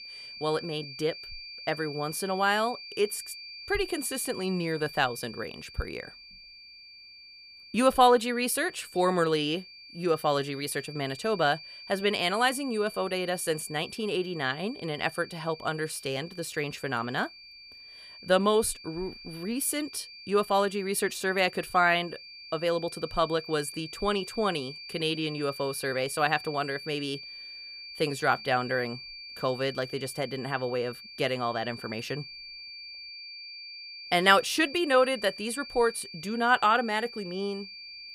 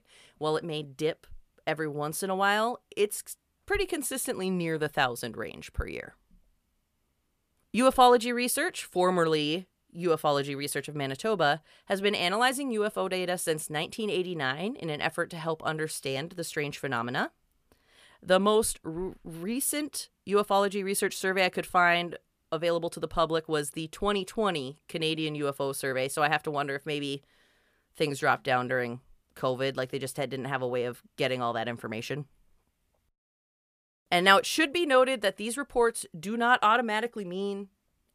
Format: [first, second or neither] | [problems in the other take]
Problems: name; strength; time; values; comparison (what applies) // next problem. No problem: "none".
second | high-pitched whine; noticeable; throughout; 4.5 kHz, 15 dB below the speech